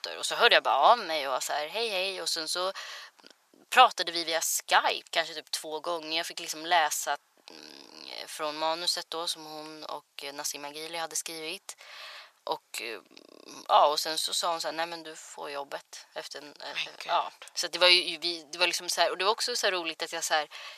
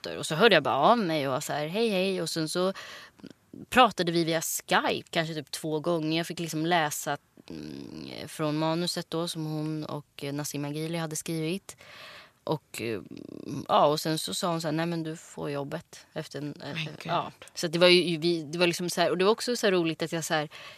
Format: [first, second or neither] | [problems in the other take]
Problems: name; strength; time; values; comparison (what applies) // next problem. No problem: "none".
second | thin; very; fading below 750 Hz